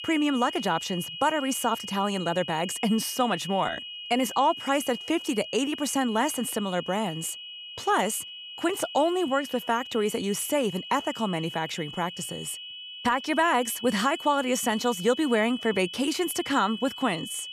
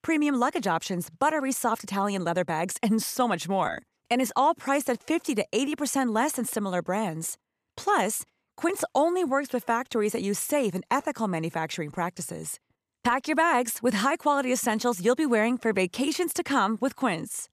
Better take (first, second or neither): second